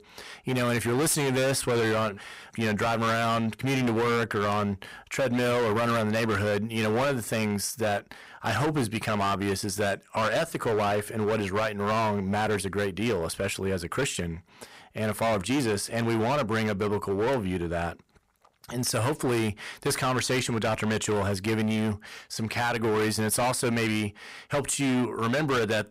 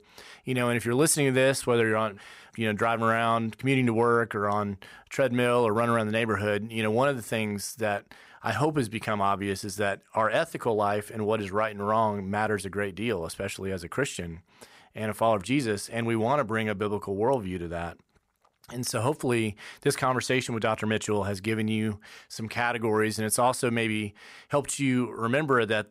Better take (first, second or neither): second